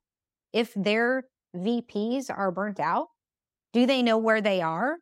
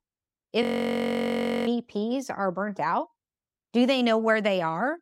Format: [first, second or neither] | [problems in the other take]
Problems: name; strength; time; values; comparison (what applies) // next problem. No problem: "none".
first | audio freezing; at 0.5 s for 1 s